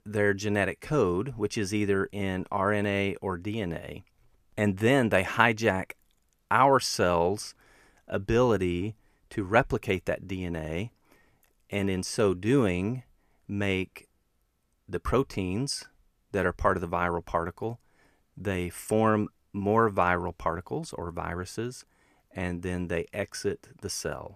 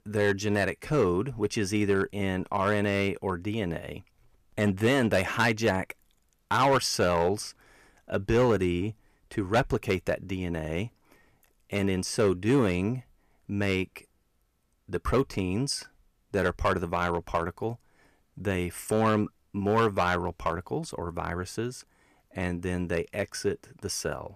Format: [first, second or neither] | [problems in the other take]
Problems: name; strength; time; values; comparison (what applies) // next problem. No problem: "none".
first | distortion; slight; 2% of the sound clipped